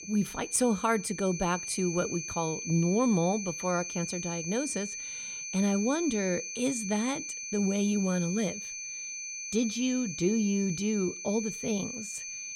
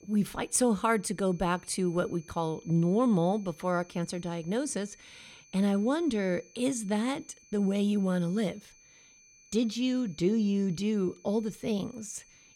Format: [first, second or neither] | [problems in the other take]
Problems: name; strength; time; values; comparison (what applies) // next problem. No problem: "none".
second | high-pitched whine; loud; throughout; 6 kHz, 6 dB below the speech; faint in the second